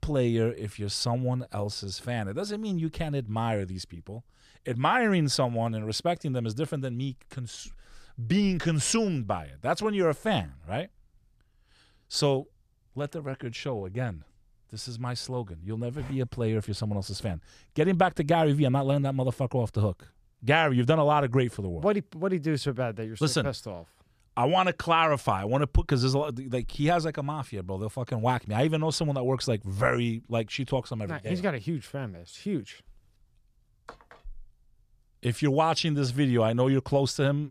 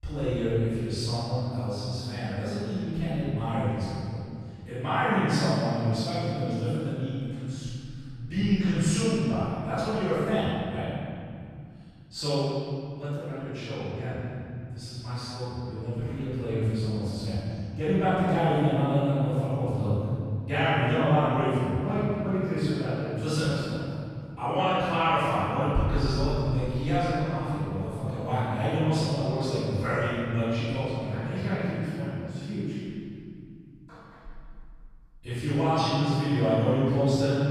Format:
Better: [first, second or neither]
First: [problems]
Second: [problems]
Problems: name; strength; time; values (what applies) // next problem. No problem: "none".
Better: first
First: none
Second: off-mic speech; far // room echo; strong; dies away in 2.6 s